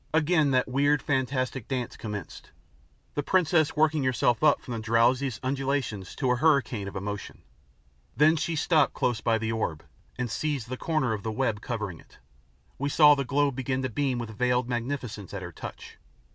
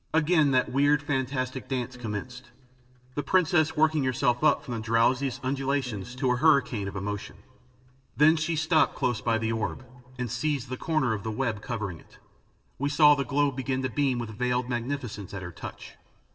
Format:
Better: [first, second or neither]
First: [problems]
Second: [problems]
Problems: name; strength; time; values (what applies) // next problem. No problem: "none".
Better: first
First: none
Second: noise reduction (neural separator model SepFormer DNS4)